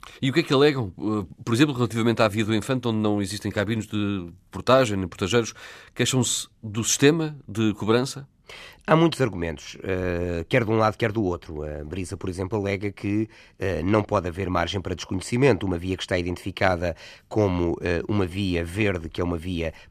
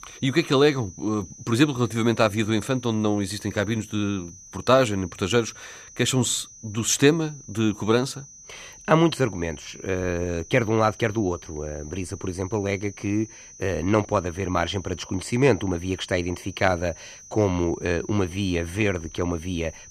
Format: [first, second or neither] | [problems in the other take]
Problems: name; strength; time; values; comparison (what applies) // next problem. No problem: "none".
first | high-pitched whine; noticeable; throughout; 6 kHz, 20 dB below the speech